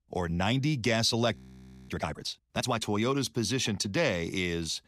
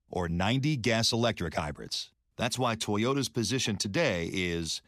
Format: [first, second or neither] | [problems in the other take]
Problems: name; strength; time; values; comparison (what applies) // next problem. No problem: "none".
second | audio freezing; at 1.5 s for 0.5 s